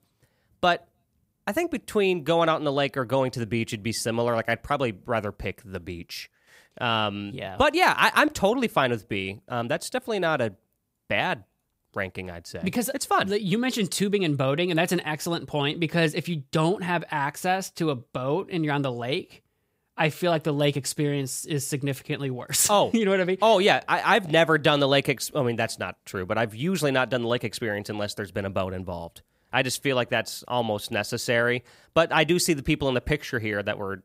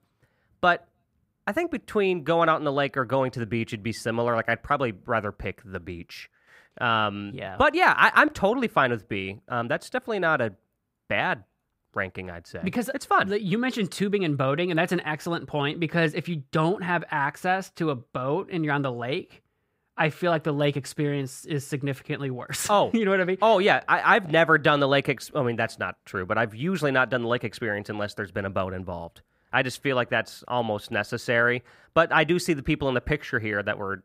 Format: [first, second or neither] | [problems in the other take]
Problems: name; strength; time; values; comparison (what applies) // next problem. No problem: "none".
first | muffled; slightly; fading above 3.5 kHz